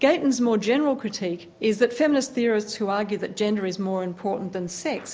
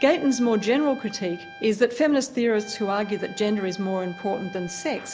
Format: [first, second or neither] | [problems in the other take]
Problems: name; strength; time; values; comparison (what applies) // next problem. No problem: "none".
first | background sound (Trumpet); 19 dB below the speech